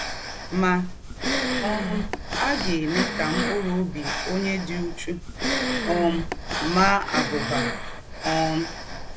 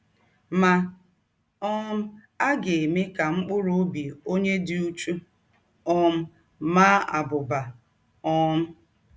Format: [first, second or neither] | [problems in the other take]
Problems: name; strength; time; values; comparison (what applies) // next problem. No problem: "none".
second | background sound (Breathing); 1 dB below the speech